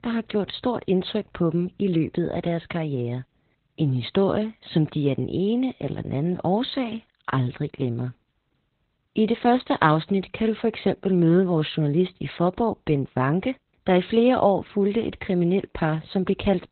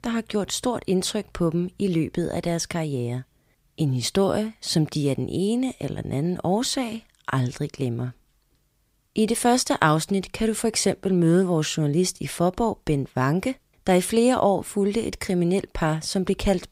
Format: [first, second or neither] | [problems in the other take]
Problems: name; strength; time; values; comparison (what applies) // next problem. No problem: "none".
second | garbled, watery; badly; nothing above 4 kHz